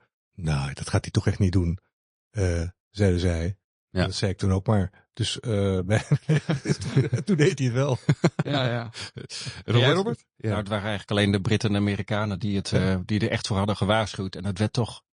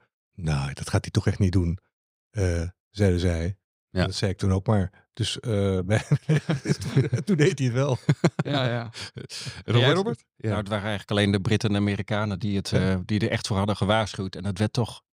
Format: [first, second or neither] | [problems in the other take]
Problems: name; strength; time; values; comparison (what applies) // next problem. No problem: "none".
second | garbled, watery; slightly; nothing above 10 kHz